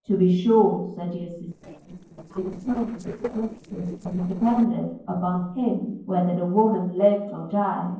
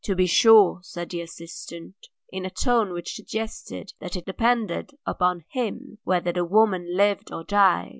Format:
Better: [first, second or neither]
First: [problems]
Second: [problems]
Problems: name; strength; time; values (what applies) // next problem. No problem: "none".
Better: second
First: noise reduction (neural separator model SepFormer DNS4)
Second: none